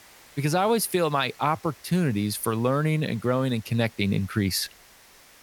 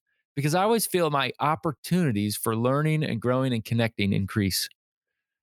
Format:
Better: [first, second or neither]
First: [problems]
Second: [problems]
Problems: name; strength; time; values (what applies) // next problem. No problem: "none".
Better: second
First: hiss; faint; throughout; 25 dB below the speech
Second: none